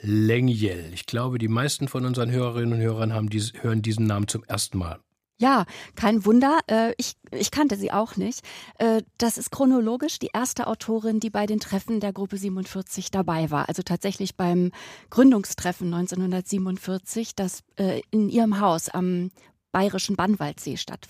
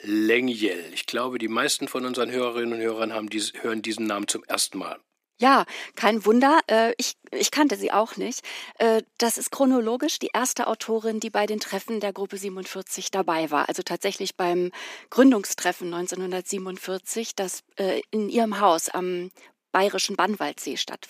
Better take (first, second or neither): first